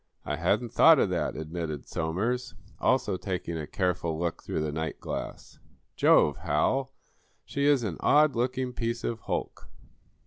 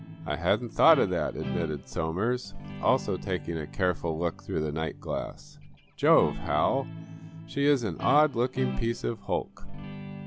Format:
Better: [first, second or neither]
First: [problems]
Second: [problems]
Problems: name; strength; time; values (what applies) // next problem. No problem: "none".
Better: first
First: none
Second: background sound (Guitar); 12 dB below the speech